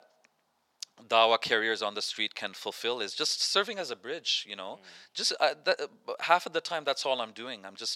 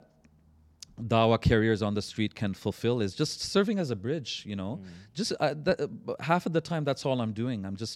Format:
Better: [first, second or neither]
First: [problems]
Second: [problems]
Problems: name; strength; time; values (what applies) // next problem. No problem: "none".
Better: second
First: thin; very; fading below 750 Hz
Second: none